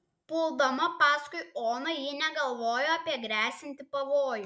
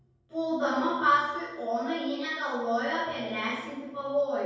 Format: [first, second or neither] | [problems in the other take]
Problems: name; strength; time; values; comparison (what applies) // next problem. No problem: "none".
first | room echo; dies away in 1.3 s